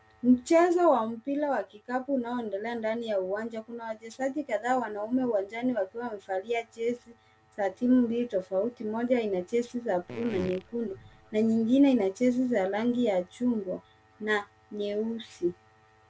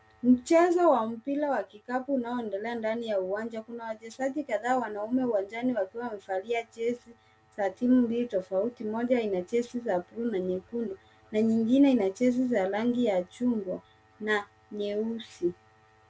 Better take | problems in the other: second | background sound (Fart); 14 dB below the speech

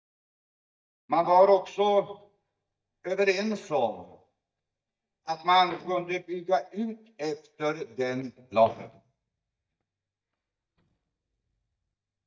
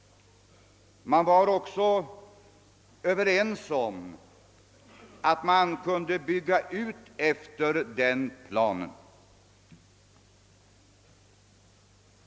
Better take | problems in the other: second | noise reduction (neural mask model DeepFilterNet 3)

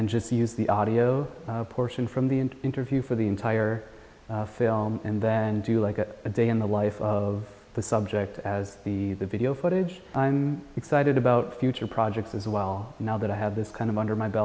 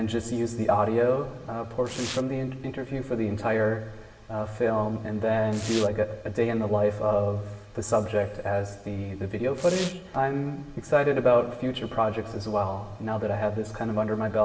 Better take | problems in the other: first | background sound (Domestic sounds, home sounds); 18 dB below the speech // room echo; dies away in 0.8 s

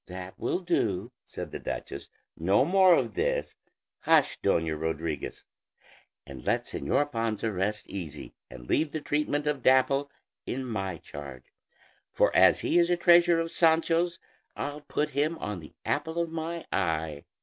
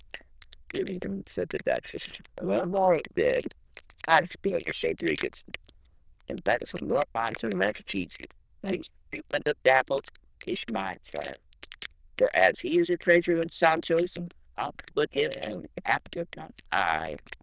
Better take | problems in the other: first | noise reduction (neural diffusion model UNIVERSE++)

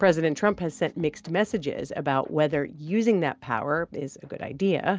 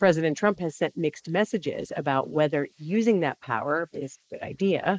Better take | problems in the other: first | noise reduction (neural mask model Resemble Enhance denoiser)

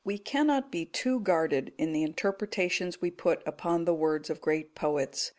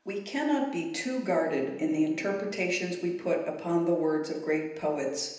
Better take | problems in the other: first | background sound (Electric guitar / Strum); 20 dB below the speech // room echo; dies away in 0.9 s

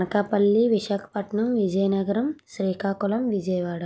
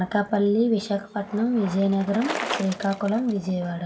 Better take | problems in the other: first | background sound (Bicycle); 12 dB below the speech // room echo; dies away in 2 s

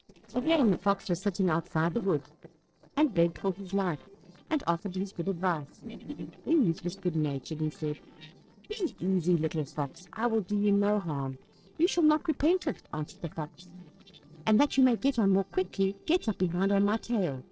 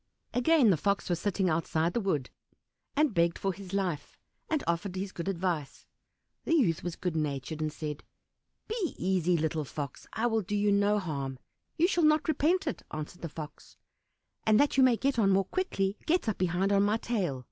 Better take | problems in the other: second | noise reduction (neural separator model SepFormer DNS4)

